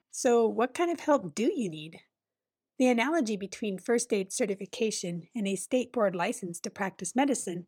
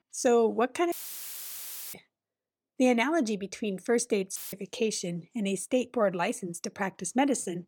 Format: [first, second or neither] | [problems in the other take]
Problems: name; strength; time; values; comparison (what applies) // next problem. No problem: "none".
first | audio cutting out; filled with static; at 1 s for 1 s and at 4.5 s